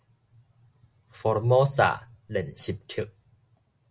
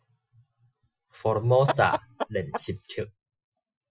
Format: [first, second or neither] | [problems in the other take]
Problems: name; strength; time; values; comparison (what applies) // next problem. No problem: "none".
first | noise reduction (classical method Wiener filter)